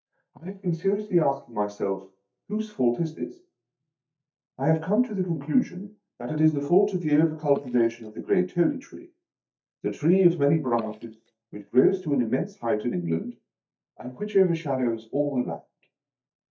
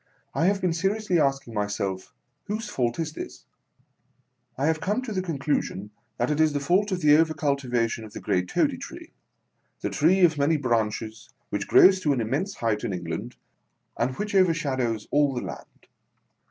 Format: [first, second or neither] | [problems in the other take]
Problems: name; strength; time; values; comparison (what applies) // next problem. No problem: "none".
second | noise reduction (neural mask model DeepFilterNet 3)